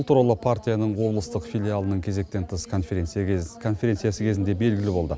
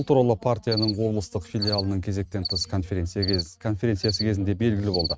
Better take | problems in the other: first | noise reduction (neural mask model RNNoise)

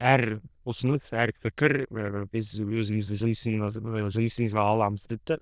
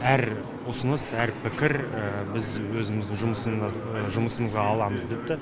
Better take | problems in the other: second | noise reduction (neural diffusion model UNIVERSE++)

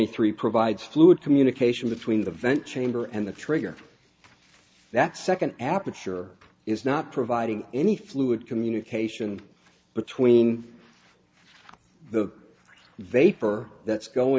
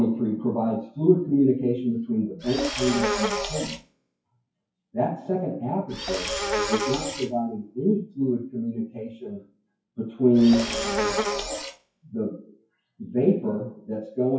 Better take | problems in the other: first | noise reduction (classical method WPE with log-MMSE)

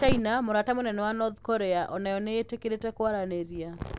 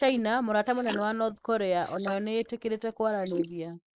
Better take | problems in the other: first | noise reduction (neural mask model Resemble Enhance denoiser)

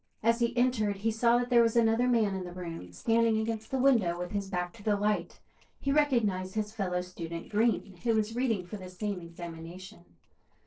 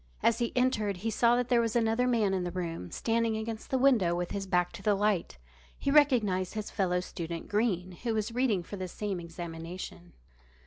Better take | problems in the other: second | noise reduction (neural separator model SepFormer DNS4)

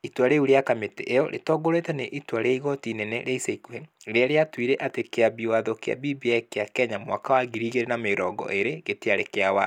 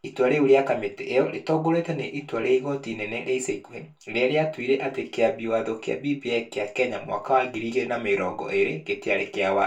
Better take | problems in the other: first | room echo; dies away in 0.2 s

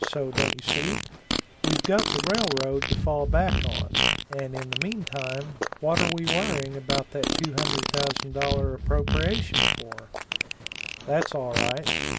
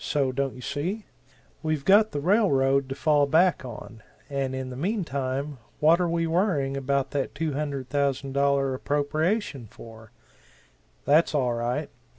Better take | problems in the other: second | background sound (Fart); 2 dB above the speech

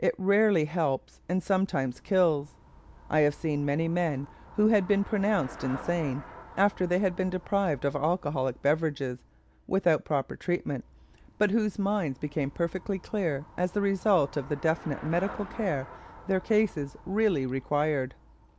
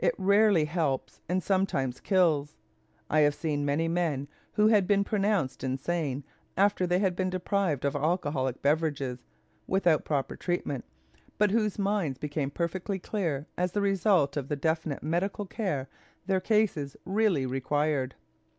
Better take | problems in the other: second | background sound (Traffic noise, roadway noise / Bicycle); 20 dB below the speech

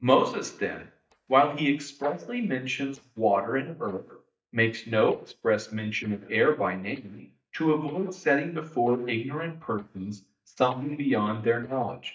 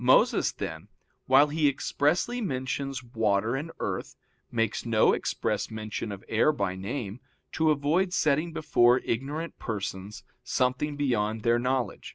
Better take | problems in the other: second | noise reduction (neural mask model DeepFilterNet 3)

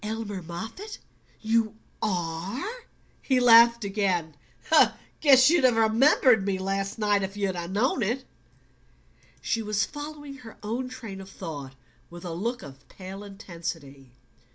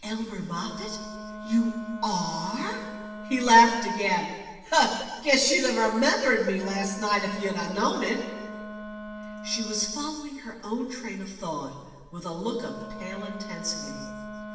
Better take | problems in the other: first | background sound (Wind instrument, woodwind instrument); 13 dB below the speech // room echo; dies away in 1.3 s

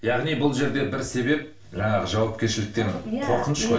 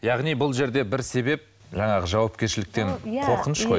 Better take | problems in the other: second | room echo; dies away in 0.4 s

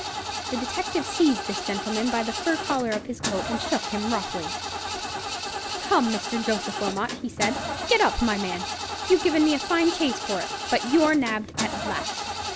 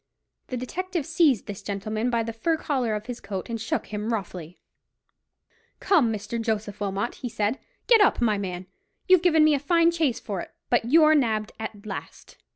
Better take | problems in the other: second | background sound (Engine starting / Car); 5 dB below the speech

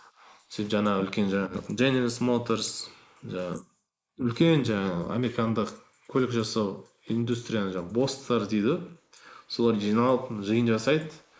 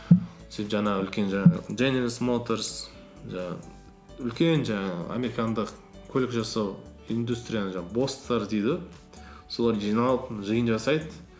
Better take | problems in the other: second | noise reduction (neural mask model Resemble Enhance denoiser)

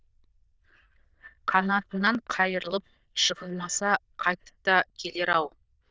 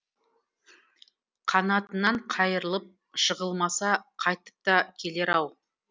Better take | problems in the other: second | noise reduction (neural diffusion model UNIVERSE++)

